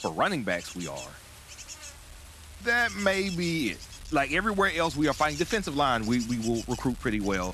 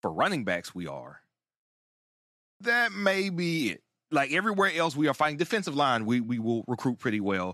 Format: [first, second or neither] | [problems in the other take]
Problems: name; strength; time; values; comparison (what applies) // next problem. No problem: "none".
second | wind noise on the microphone; occasional gusts; 15 dB below the speech